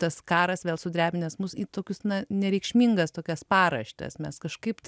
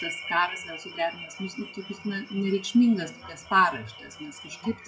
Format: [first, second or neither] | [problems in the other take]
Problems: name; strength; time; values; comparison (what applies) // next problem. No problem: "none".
first | noise reduction (classical method WPE with log-MMSE)